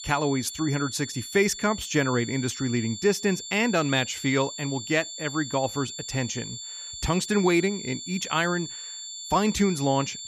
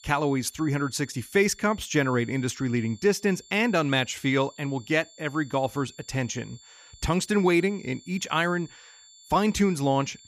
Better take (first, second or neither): second